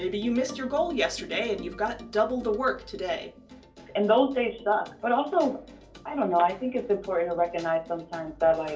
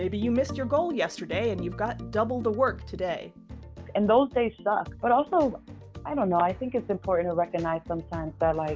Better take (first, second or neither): second